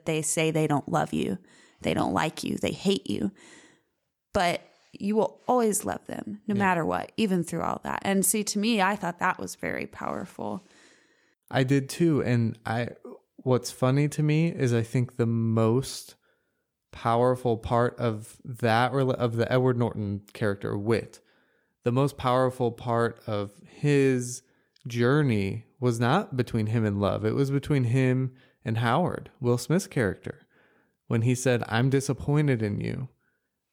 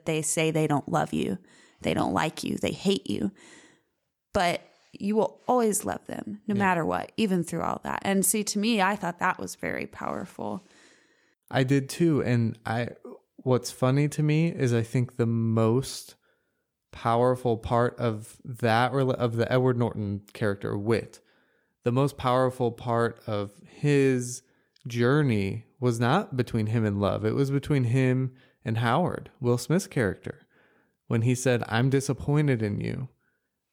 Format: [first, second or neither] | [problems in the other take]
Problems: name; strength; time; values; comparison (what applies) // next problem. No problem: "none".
neither | none